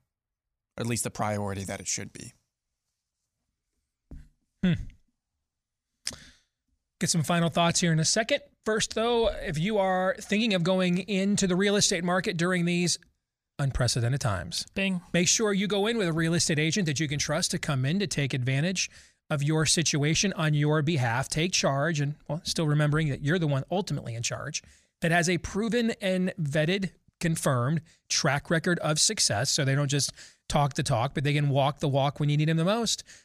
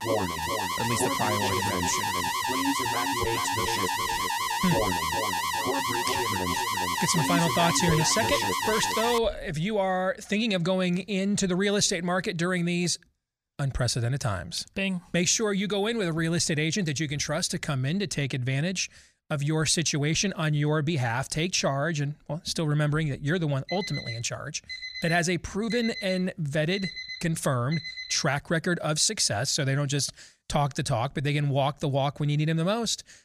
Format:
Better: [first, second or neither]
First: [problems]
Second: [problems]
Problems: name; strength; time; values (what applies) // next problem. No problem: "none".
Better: first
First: none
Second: alarm; loud; until 9 s; peak 1 dB above the speech // alarm; noticeable; from 24 to 28 s; peak 7 dB below the speech